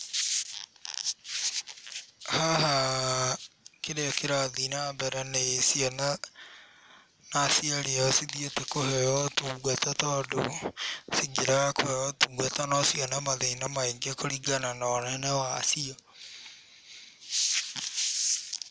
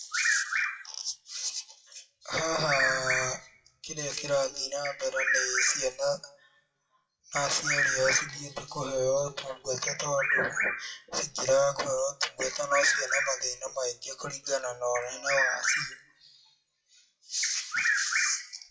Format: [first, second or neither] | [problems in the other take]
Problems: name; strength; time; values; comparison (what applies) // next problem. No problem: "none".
first | noise reduction (classical method WPE with log-MMSE)